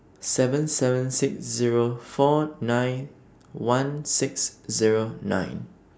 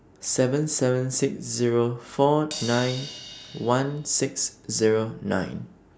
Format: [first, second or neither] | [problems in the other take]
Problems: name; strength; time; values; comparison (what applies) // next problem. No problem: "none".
first | background sound (Crash cymbal); 15 dB below the speech